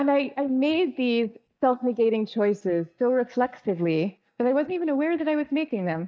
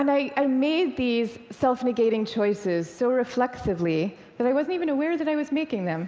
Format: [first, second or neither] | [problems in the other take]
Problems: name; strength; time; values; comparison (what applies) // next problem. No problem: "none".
second | noise reduction (neural mask model DeepFilterNet 3)